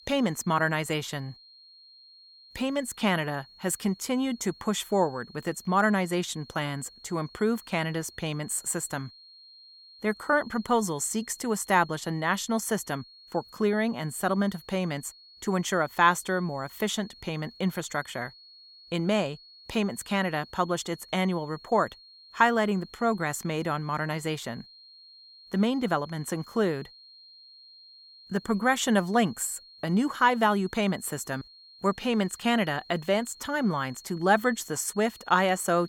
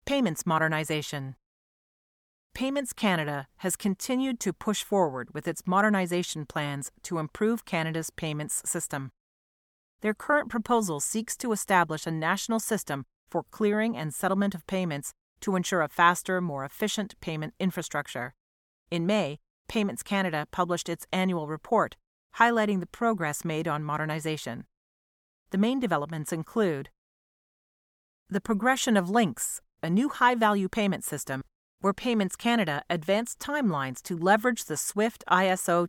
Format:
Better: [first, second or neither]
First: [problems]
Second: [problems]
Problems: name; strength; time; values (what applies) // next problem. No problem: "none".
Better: second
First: high-pitched whine; faint; throughout; 4.5 kHz, 20 dB below the speech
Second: none